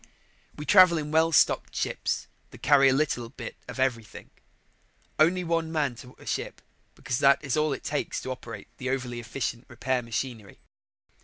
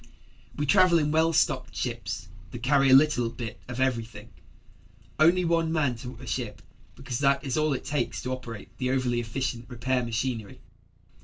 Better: first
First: none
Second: background sound (Purr); 19 dB below the speech // room echo; dies away in 0.2 s

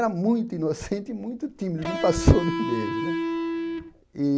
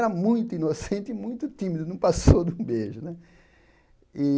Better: second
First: background sound (Electric guitar); 3 dB below the speech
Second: none

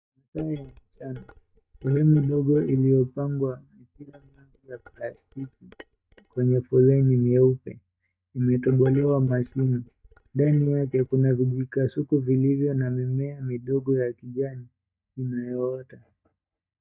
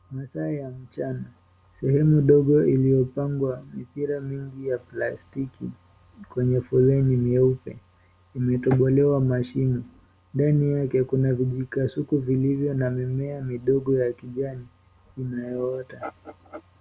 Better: second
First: noise reduction (neural mask model DeepFilterNet 3)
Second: none

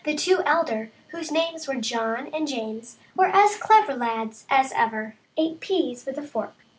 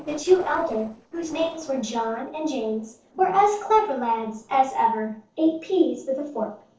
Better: first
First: none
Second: noise reduction (neural separator model SepFormer DNS4)

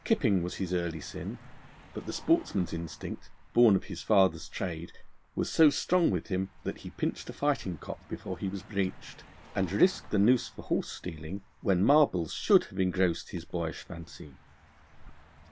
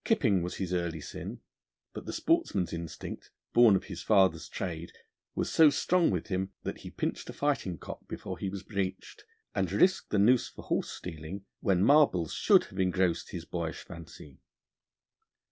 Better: second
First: background sound (Car passing by); 18 dB below the speech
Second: none

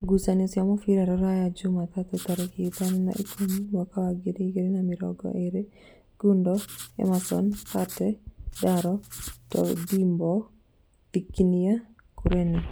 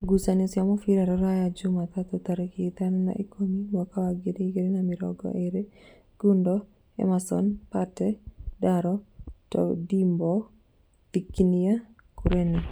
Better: second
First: background sound (Writing); 16 dB below the speech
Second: none

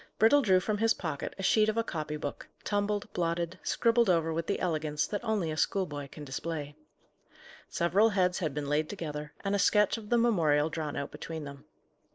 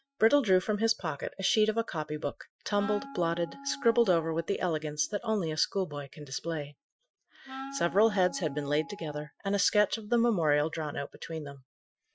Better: first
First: none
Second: noise reduction (classical method Wiener filter)

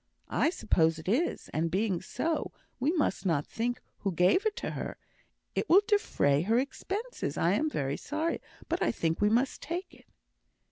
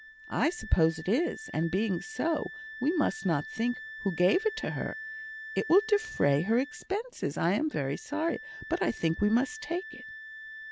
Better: first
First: none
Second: background sound (Wind instrument, woodwind instrument); 14 dB below the speech

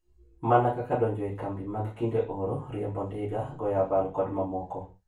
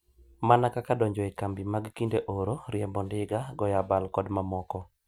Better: second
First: room echo; dies away in 0.3 s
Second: none

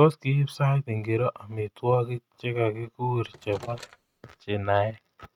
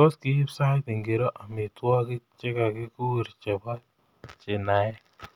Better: second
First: noise reduction (neural mask model RNNoise)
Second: none

